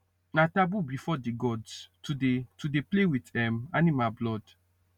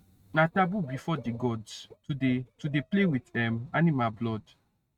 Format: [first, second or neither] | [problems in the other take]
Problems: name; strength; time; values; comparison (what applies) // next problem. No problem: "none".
first | noise reduction (neural mask model RNNoise)